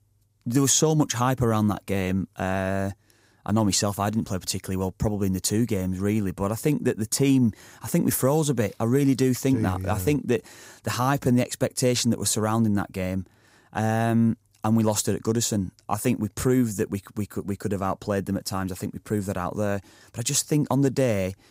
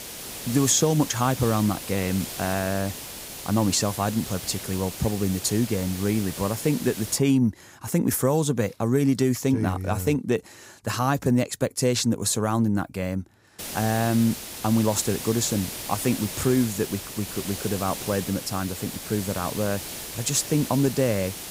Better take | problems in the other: first | hiss; loud; until 7 s and from 14 s on; 9 dB below the speech

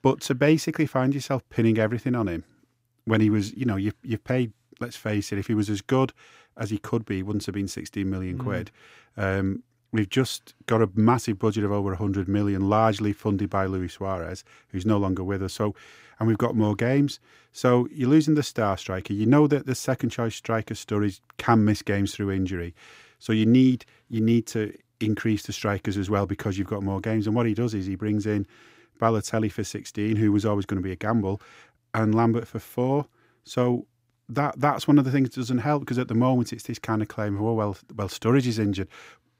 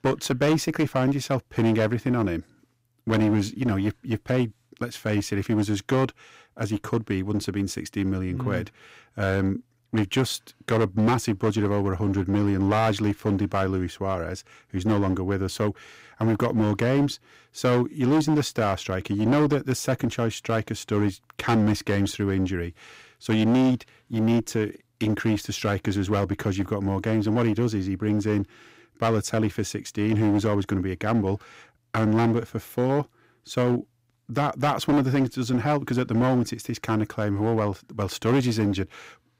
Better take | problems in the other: first | distortion; slight; 10% of the sound clipped

